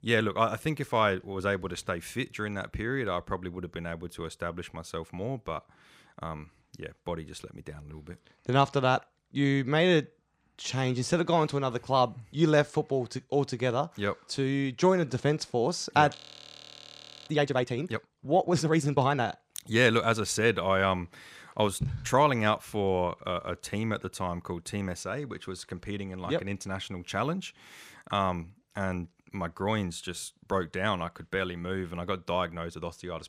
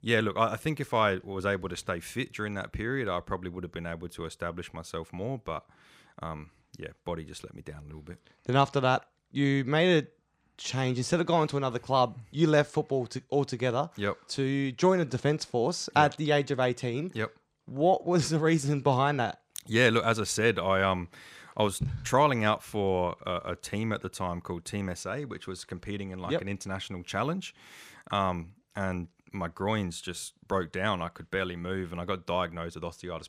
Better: second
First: audio freezing; at 16 s for 1 s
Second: none

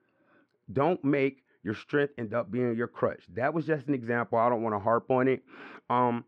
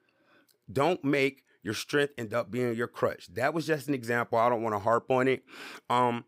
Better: second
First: muffled; very; fading above 2 kHz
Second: none

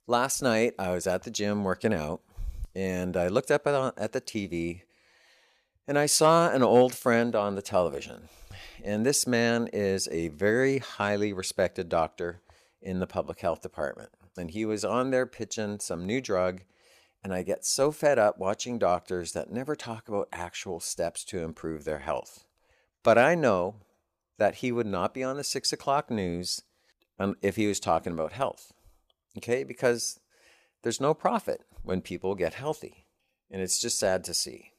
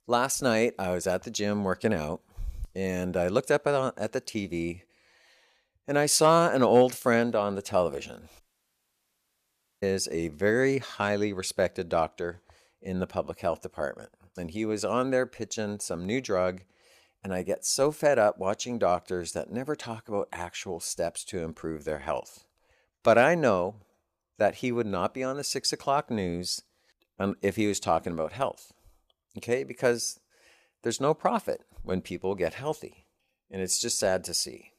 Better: first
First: none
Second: audio cutting out; at 8.5 s for 1.5 s

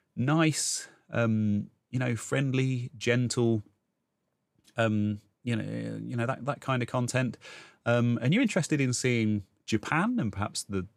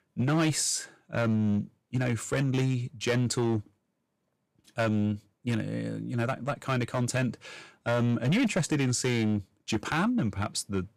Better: first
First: none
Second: distortion; slight; 7% of the sound clipped

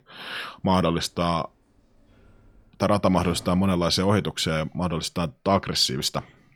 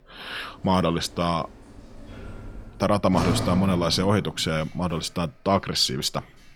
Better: first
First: household noises; faint; throughout; 25 dB below the speech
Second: household noises; loud; throughout; 8 dB below the speech

